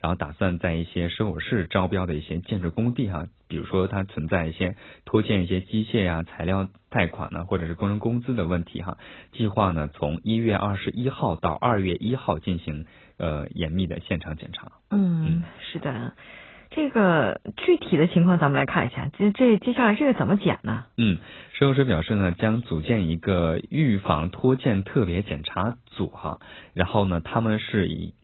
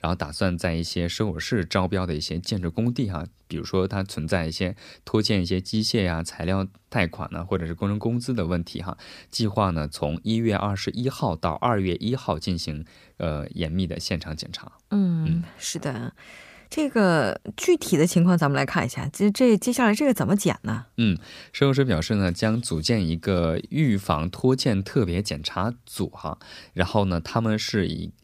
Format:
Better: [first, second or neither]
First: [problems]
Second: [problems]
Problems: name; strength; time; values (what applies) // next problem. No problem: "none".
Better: second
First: garbled, watery; badly; nothing above 4 kHz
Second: none